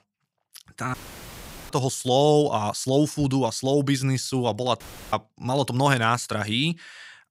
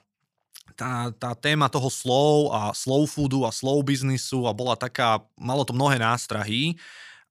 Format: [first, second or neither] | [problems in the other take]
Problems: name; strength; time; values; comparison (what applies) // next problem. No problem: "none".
second | audio cutting out; filled with static; at 1 s for 1 s and at 5 s